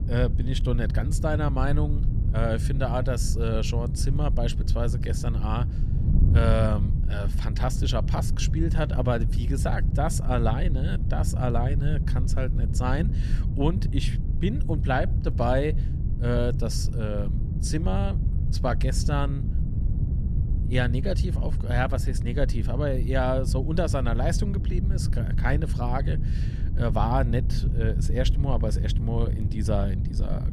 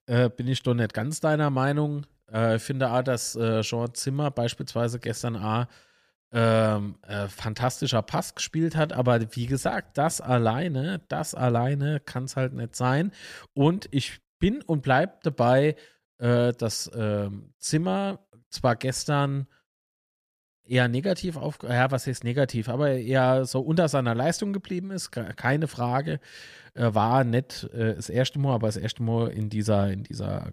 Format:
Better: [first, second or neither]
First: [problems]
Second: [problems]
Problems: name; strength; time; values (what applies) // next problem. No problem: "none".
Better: second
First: wind noise on the microphone; heavy; 10 dB below the speech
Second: none